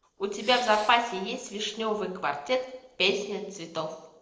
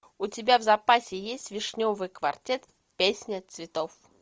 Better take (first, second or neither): second